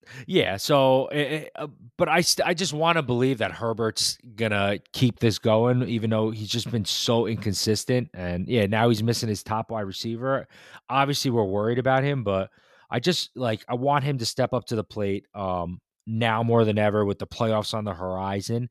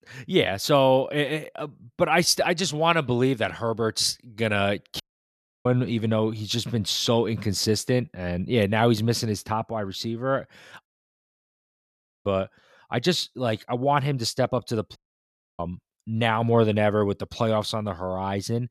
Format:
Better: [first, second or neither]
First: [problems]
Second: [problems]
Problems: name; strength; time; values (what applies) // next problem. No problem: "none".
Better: first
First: none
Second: audio cutting out; at 5 s for 0.5 s, at 11 s for 1.5 s and at 15 s for 0.5 s